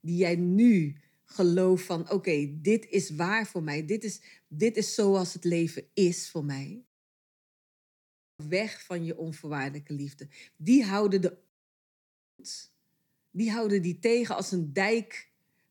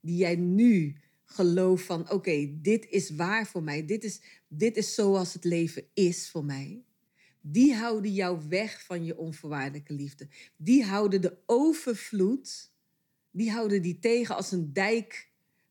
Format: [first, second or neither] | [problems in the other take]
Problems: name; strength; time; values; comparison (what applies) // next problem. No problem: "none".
second | audio cutting out; at 7 s for 1.5 s and at 11 s for 1 s